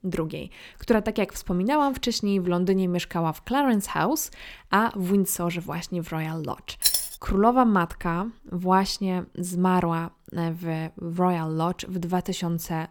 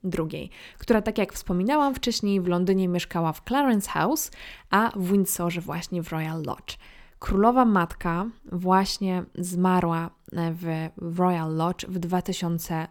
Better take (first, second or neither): second